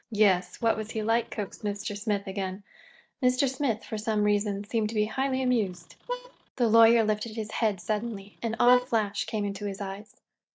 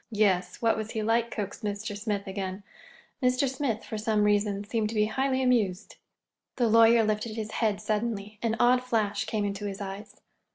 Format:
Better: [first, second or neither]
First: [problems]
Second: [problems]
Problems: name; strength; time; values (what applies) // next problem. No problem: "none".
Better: second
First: noise reduction (neural mask model DeepFilterNet 3)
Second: none